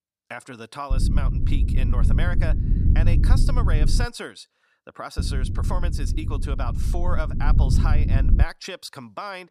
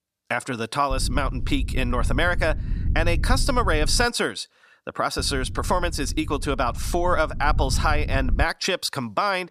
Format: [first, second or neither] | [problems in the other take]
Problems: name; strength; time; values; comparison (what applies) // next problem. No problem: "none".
second | low rumble; loud; from 1 to 4 s and from 5 to 8.5 s; 5 dB below the speech; faint in the second